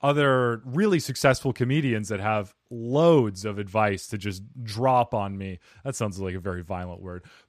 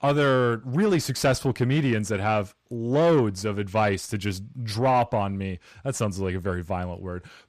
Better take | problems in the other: first | distortion; slight; 10 dB below the speech

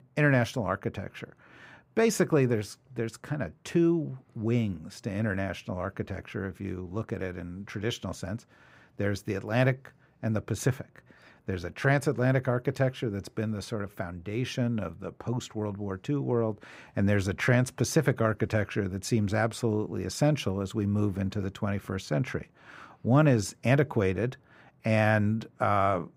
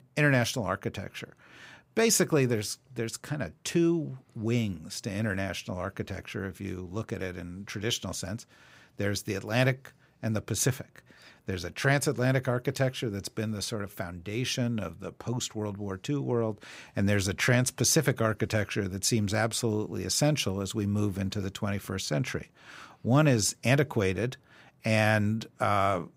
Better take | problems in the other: second | muffled; slightly; fading above 2.5 kHz

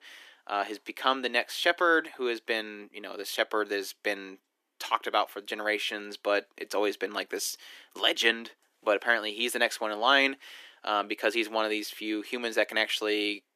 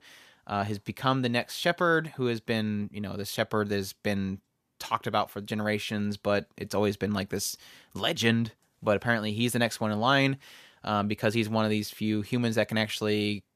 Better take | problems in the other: second | thin; very; fading below 300 Hz

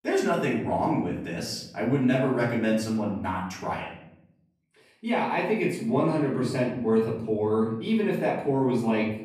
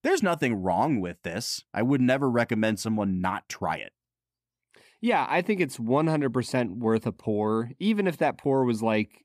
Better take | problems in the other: second | off-mic speech; far // room echo; noticeable; dies away in 0.7 s

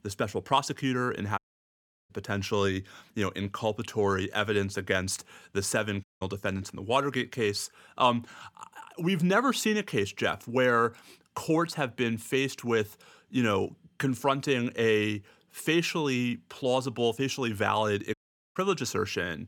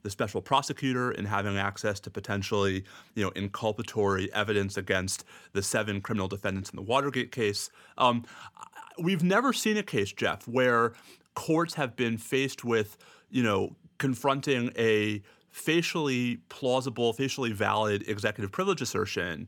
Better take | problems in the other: second | audio cutting out; at 1.5 s for 0.5 s, at 6 s and at 18 s

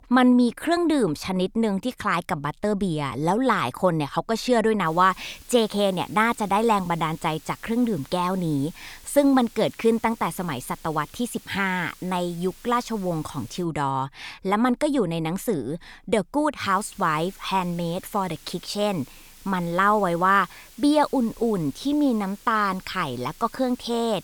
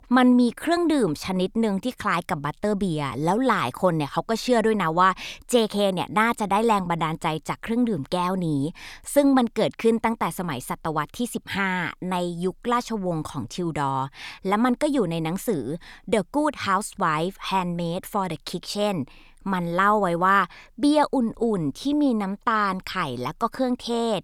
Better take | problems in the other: second | hiss; faint; from 5 to 14 s and from 17 s on; 25 dB below the speech

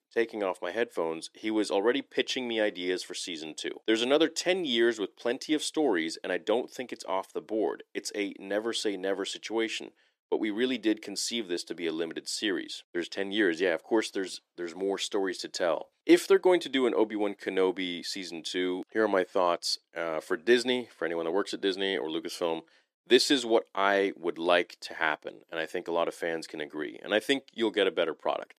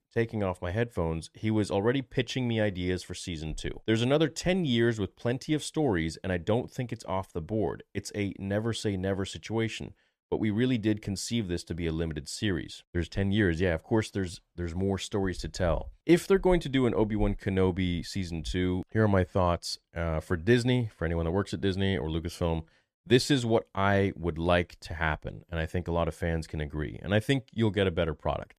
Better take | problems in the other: second | thin; somewhat; fading below 300 Hz

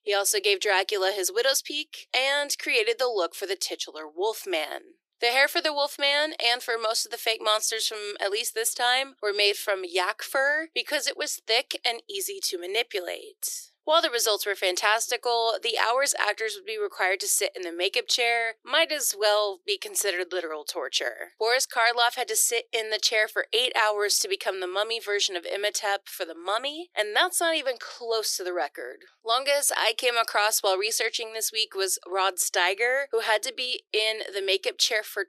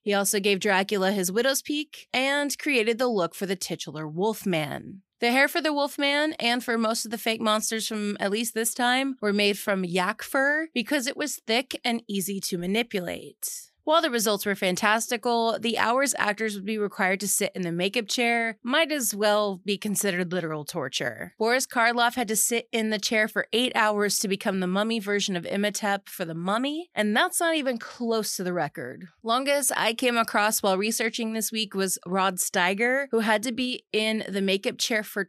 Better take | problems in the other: second | thin; very; fading below 350 Hz

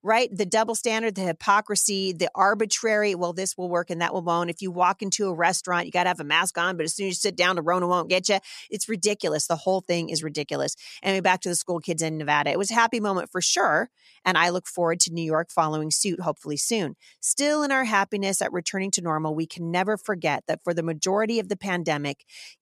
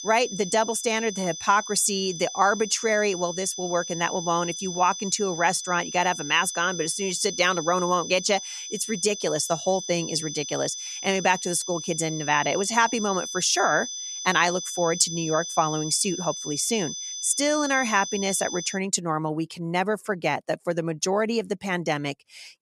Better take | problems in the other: first | high-pitched whine; loud; until 19 s; 6 kHz, 8 dB below the speech

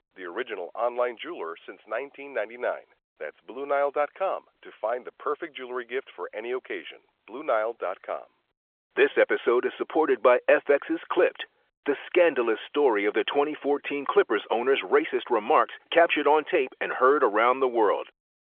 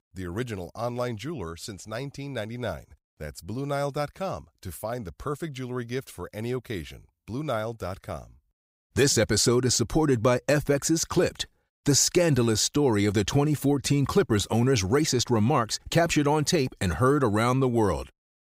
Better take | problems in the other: second | phone-call audio; nothing above 3.5 kHz

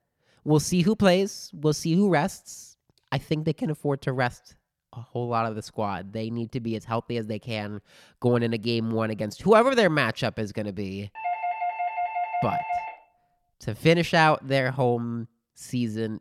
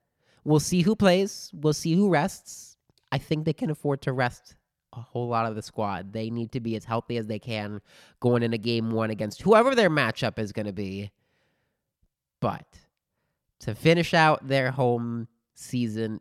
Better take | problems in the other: second | doorbell; noticeable; from 11 to 13 s; peak 3 dB below the speech

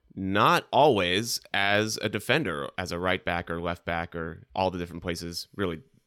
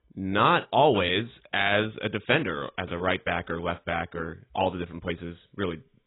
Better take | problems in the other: first | garbled, watery; badly; nothing above 4 kHz

